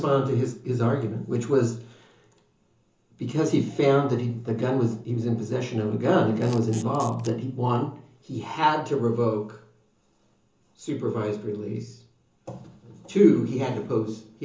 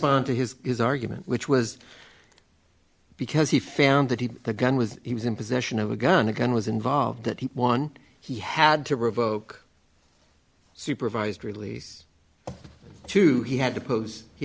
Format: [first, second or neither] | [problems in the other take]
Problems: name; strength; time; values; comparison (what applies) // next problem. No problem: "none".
second | background sound (Camera); 20 dB below the speech // room echo; dies away in 0.8 s